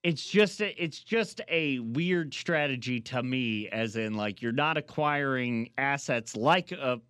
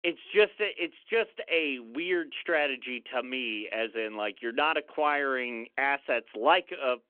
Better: first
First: none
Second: phone-call audio

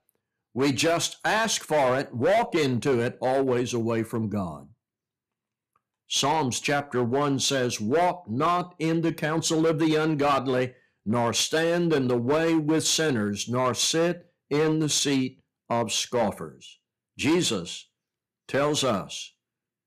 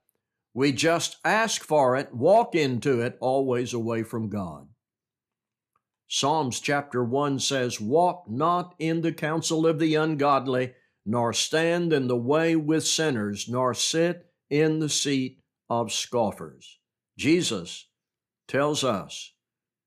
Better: second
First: distortion; slight; 8% of the sound clipped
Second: none

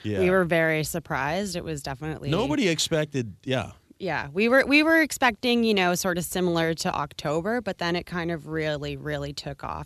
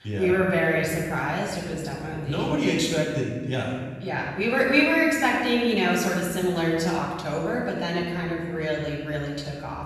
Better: first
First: none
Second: off-mic speech; far // room echo; noticeable; dies away in 1.4 s

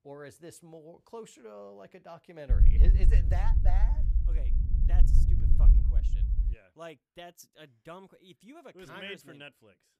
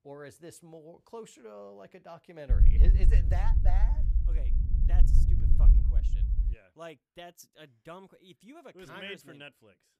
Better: neither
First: low rumble; loud; from 2.5 to 6.5 s; 2 dB below the speech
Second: low rumble; loud; from 2.5 to 6.5 s; 2 dB below the speech

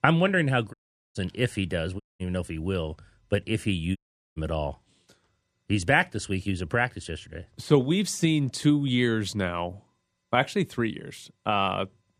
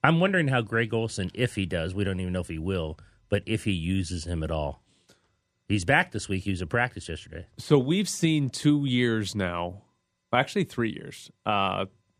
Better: second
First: audio cutting out; at 0.5 s, at 2 s and at 4 s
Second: none

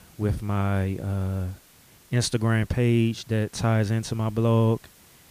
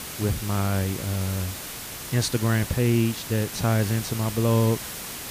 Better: first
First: hiss; faint; throughout; 30 dB below the speech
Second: hiss; loud; throughout; 8 dB below the speech

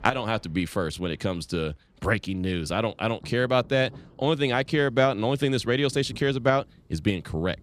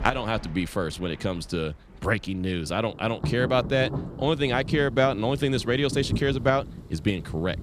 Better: first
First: rain or running water; faint; throughout; 25 dB below the speech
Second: rain or running water; loud; throughout; 9 dB below the speech

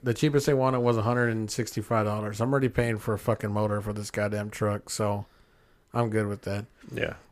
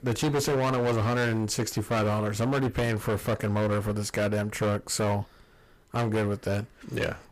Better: first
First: none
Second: distortion; heavy; 19% of the sound clipped

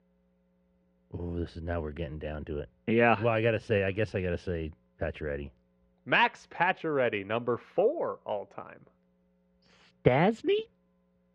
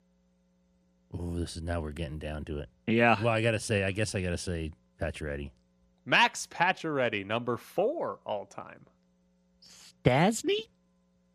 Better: second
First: muffled; very; fading above 2 kHz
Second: none

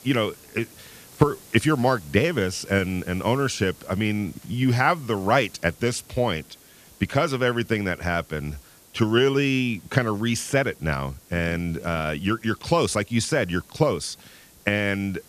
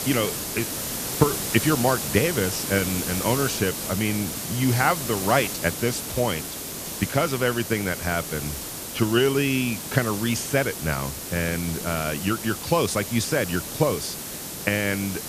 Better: first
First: hiss; faint; throughout; 25 dB below the speech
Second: hiss; loud; throughout; 5 dB below the speech

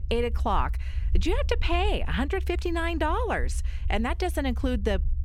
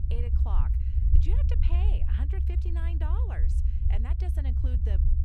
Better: first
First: low rumble; faint; throughout; 20 dB below the speech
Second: low rumble; loud; throughout; 1 dB below the speech

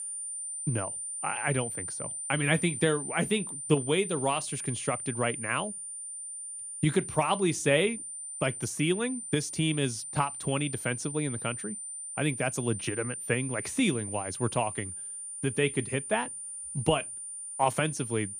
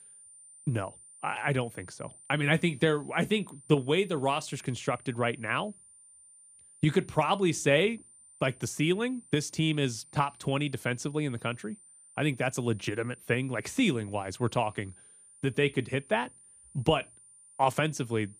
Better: second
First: high-pitched whine; loud; throughout; 9 kHz, 6 dB below the speech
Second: high-pitched whine; faint; throughout; 9 kHz, 20 dB below the speech

